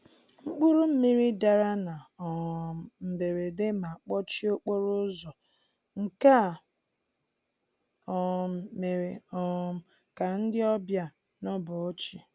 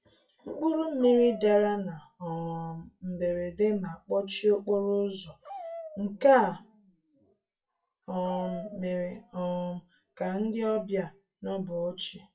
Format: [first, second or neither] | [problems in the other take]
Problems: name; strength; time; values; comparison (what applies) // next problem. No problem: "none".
first | noise reduction (classical method WPE with log-MMSE)